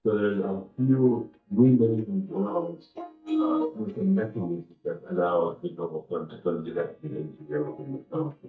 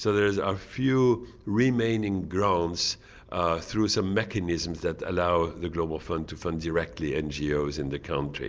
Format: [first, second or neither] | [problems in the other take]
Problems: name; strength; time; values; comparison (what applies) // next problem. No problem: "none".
second | noise reduction (neural mask model DeepFilterNet 3)